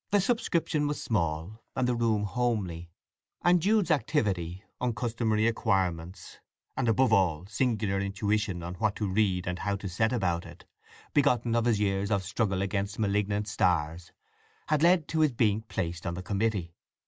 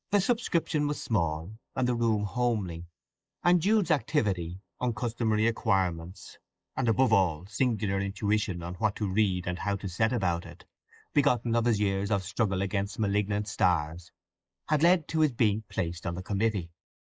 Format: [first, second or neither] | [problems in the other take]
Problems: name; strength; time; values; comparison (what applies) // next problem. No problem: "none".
first | noise reduction (neural mask model Resemble Enhance denoiser)